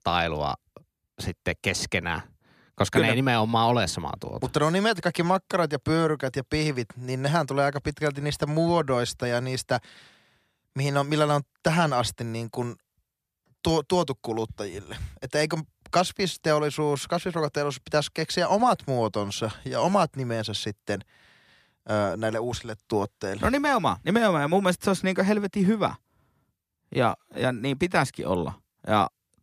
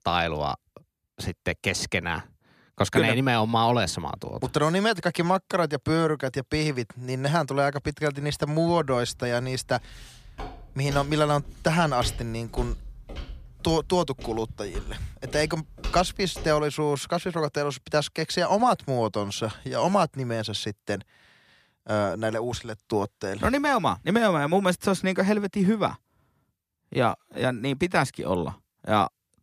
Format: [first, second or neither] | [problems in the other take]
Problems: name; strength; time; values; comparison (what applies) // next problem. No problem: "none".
first | footsteps; faint; from 10 to 17 s; peak 10 dB below the speech